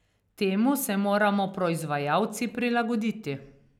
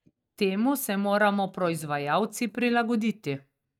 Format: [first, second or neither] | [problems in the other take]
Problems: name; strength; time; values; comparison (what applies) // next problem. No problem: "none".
first | noise reduction (neural mask model DeepFilterNet 3)